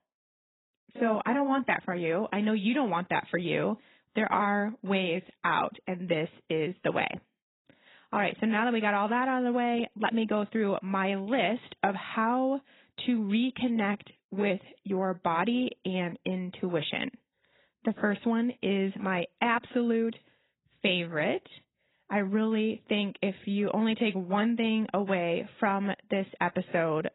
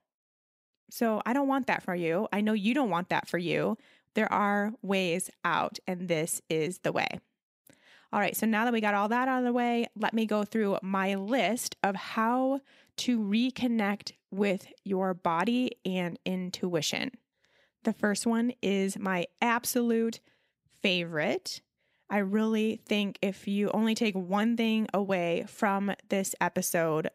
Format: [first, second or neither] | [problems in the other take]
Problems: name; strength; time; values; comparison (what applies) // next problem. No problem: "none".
second | garbled, watery; badly; nothing above 4 kHz